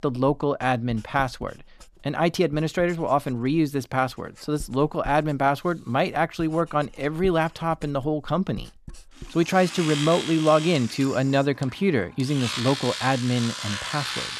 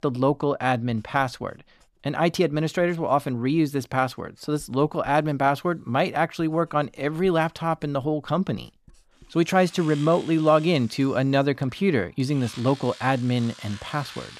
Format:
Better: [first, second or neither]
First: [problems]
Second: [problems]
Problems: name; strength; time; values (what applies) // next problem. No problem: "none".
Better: second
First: household noises; loud; throughout; 9 dB below the speech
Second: household noises; faint; throughout; 20 dB below the speech